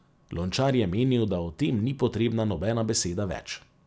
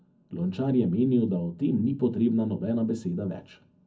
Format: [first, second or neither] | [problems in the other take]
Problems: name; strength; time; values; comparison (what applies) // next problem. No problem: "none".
first | room echo; dies away in 0.4 s